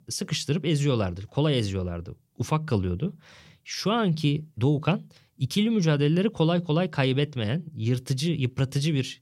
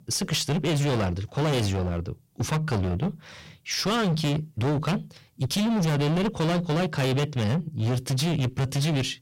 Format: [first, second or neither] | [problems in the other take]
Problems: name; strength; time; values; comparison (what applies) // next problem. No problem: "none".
first | distortion; heavy; 30% of the sound clipped